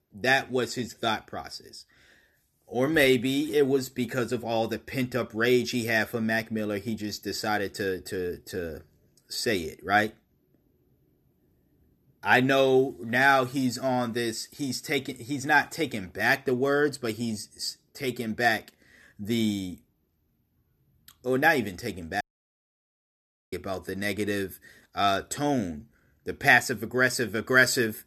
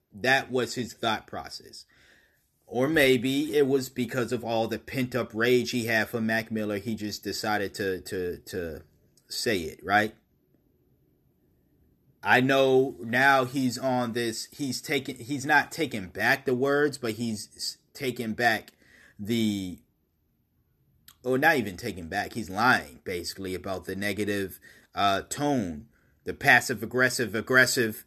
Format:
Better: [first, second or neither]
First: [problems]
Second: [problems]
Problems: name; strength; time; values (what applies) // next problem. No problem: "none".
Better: second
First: audio cutting out; at 22 s for 1.5 s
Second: none